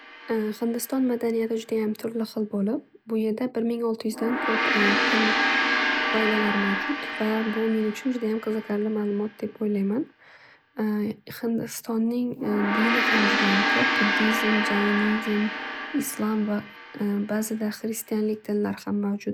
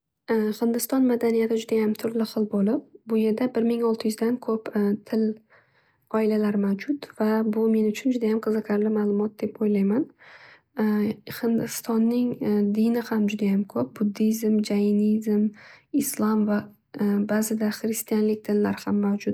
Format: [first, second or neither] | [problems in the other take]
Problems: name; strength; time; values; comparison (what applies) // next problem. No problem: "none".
second | background sound (Gong); 2 dB below the speech